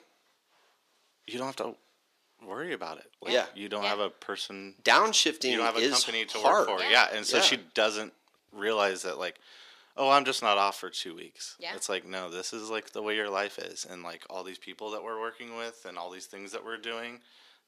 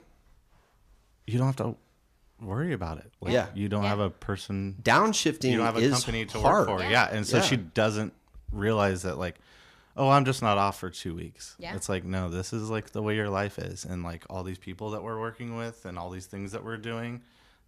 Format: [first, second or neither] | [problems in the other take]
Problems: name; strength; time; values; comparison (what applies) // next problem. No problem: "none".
second | thin; somewhat; fading below 350 Hz